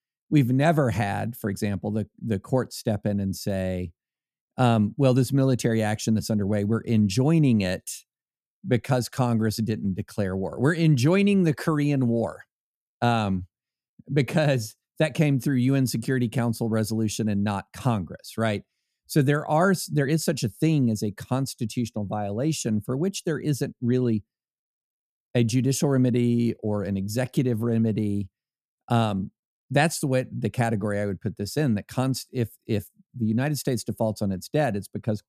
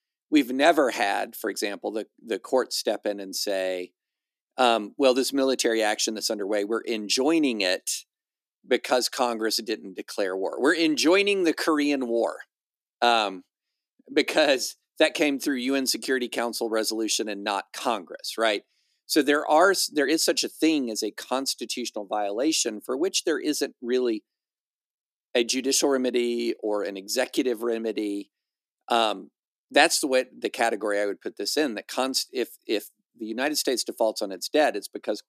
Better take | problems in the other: first | thin; somewhat; fading below 300 Hz

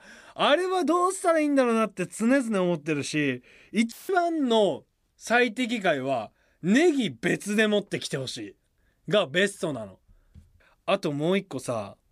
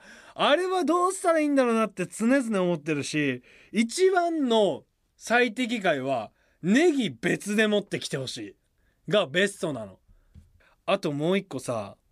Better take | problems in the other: second | audio cutting out; filled with static; at 4 s

